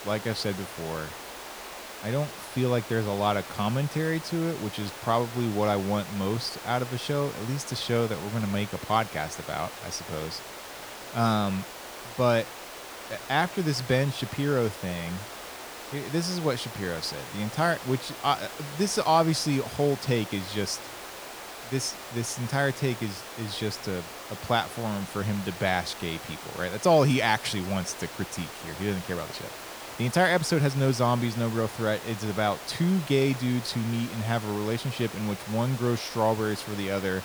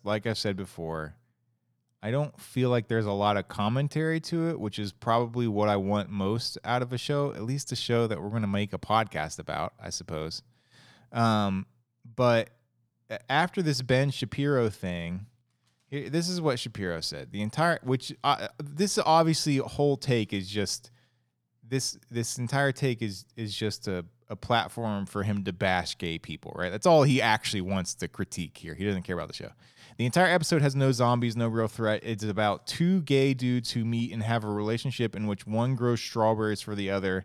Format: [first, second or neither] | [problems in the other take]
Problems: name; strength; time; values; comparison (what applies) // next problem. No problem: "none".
second | hiss; noticeable; throughout; 10 dB below the speech